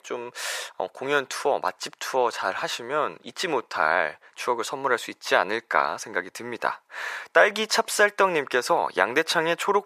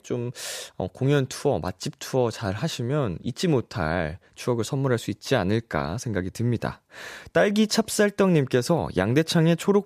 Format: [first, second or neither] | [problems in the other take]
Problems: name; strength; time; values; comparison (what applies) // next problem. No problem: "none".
second | thin; very; fading below 550 Hz